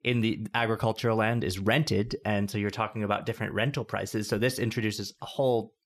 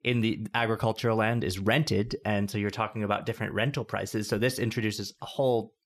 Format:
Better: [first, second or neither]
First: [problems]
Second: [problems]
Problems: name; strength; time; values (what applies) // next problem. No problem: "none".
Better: neither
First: none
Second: none